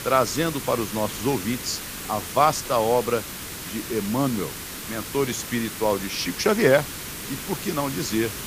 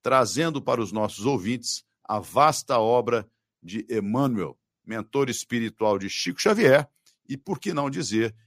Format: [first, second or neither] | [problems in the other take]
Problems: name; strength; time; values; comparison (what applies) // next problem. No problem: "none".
second | hiss; loud; throughout; 8 dB below the speech